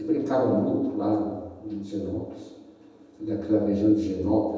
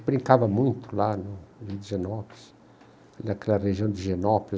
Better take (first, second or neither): second